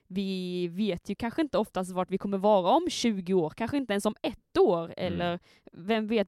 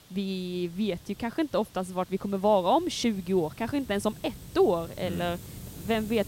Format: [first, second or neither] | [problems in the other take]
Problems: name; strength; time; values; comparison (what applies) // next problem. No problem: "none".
first | hiss; noticeable; throughout; 20 dB below the speech